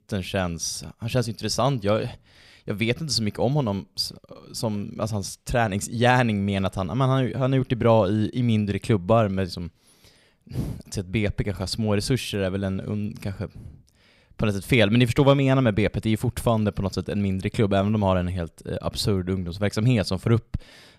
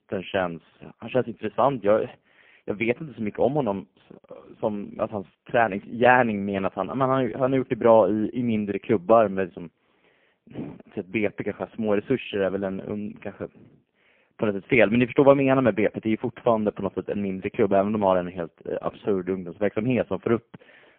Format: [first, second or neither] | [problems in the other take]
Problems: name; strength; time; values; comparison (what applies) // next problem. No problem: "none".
first | phone-call audio; poor line